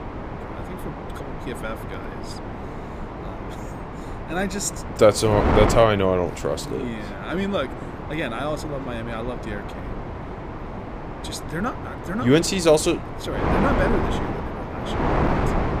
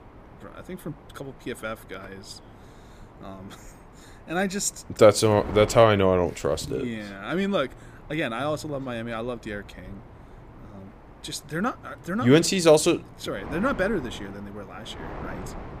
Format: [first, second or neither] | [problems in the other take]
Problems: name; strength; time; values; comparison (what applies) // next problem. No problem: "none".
second | wind noise on the microphone; heavy; 7 dB below the speech; occasional gusts in the second